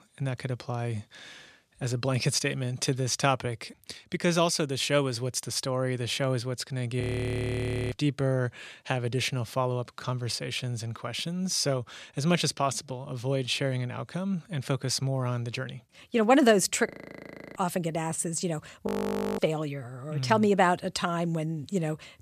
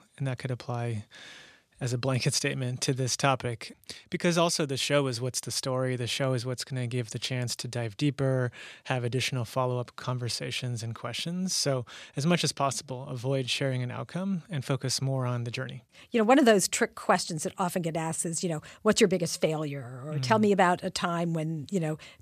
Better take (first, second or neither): second